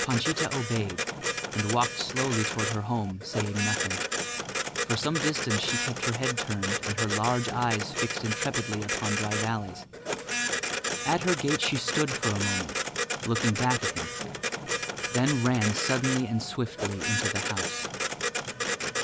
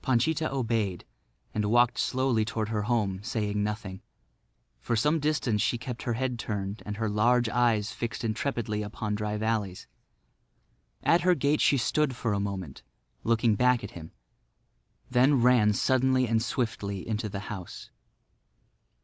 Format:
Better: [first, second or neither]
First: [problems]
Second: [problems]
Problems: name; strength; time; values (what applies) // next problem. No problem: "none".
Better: second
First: background sound (Printer); 1 dB below the speech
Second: none